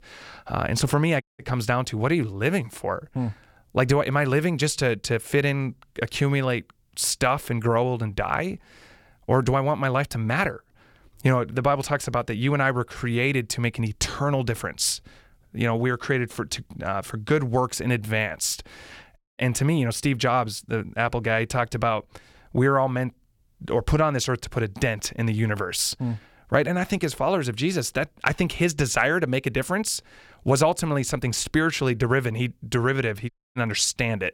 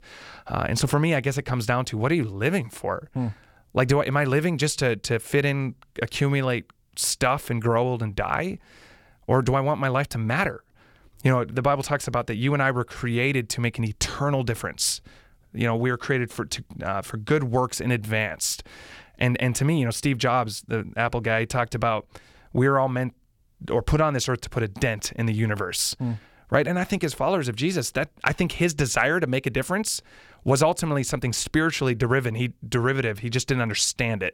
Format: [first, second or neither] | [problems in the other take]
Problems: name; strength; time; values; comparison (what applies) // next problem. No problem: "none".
second | audio cutting out; at 1 s, at 19 s and at 33 s